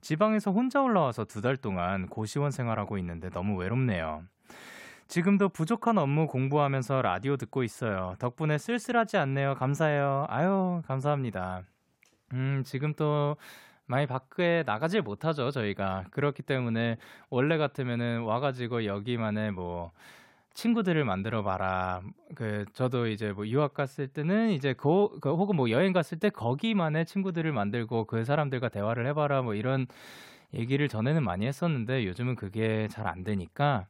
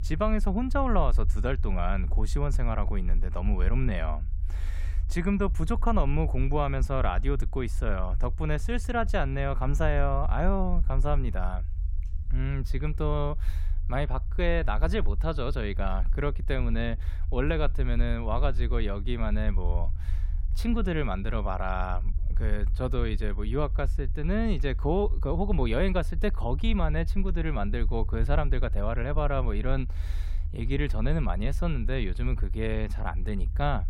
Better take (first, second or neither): first